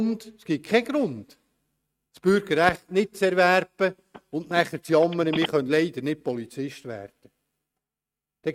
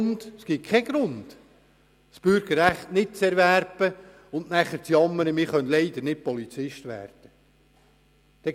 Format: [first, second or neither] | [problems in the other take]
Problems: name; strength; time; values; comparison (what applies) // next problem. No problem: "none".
second | noise reduction (neural mask model RNNoise)